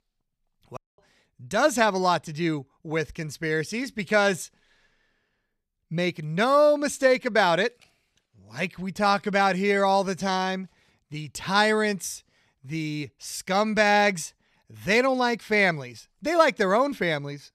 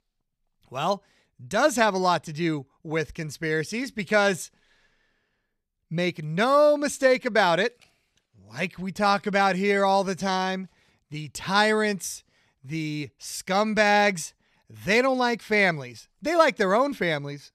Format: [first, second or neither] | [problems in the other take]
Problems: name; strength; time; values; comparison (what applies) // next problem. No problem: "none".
second | audio cutting out; at 1 s